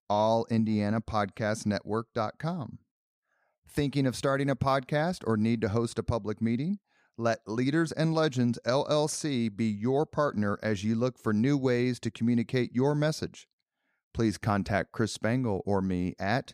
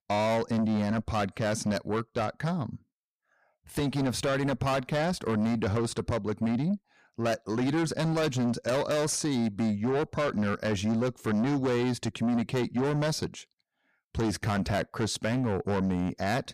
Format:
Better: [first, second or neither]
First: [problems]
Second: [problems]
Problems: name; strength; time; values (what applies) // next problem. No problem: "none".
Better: first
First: none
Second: distortion; heavy; 7 dB below the speech